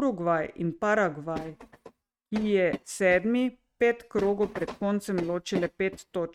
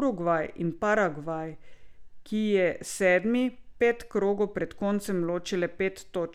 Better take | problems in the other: second | noise reduction (neural mask model RNNoise)

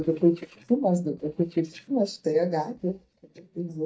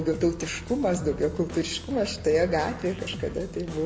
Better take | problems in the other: second | noise reduction (neural mask model DeepFilterNet 3)

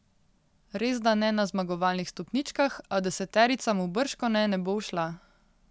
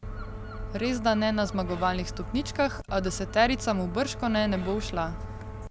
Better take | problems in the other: first | background sound (Gull, seagull); 8 dB below the speech

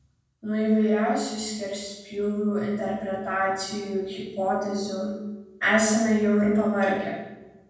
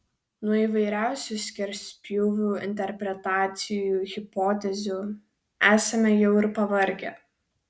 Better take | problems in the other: second | room echo; dies away in 1.2 s

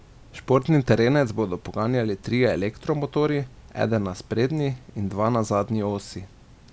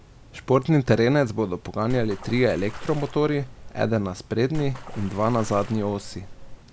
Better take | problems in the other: first | background sound (Water / Splash, splatter); 11 dB below the speech

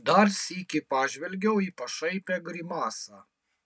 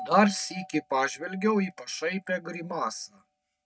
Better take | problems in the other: first | noise reduction (neural mask model RNNoise)

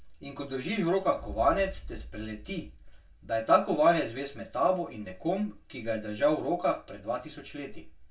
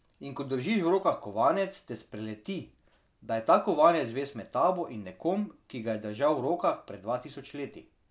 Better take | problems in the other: second | background sound (Boom); 13 dB below the speech // room echo; dies away in 0.1 s

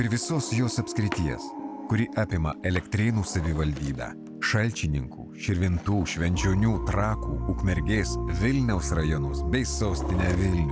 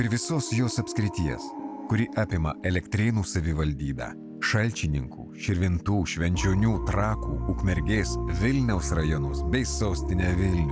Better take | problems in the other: second | background sound (Drawer open or close); 19 dB below the speech

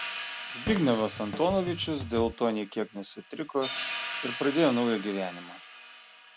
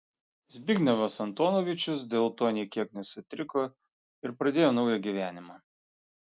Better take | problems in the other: second | background sound (Hi-hat + Drum kit); 9 dB below the speech

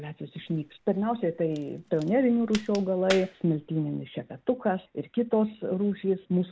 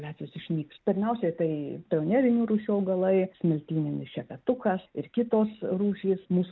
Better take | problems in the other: second | background sound (Crack); 15 dB below the speech

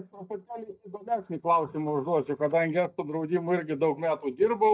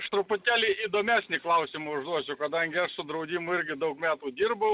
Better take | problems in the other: second | noise reduction (neural mask model DeepFilterNet 3)

